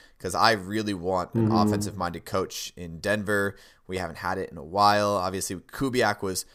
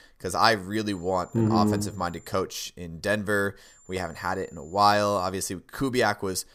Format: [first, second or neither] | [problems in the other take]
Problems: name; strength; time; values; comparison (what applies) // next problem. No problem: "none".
first | high-pitched whine; faint; from 1 to 2.5 s and from 3.5 to 5.5 s; 7 kHz, 30 dB below the speech